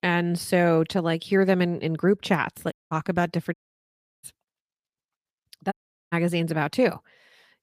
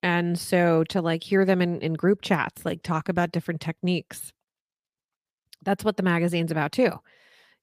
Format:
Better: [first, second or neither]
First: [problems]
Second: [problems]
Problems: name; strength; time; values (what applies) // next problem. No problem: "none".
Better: second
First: audio cutting out; at 2.5 s, at 3.5 s for 0.5 s and at 5.5 s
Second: none